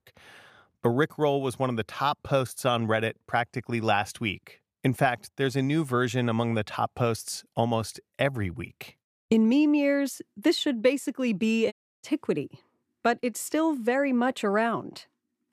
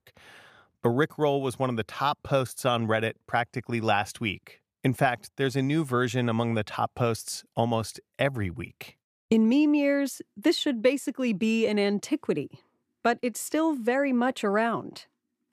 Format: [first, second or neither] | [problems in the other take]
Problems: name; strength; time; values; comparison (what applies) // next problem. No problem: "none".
second | audio cutting out; at 12 s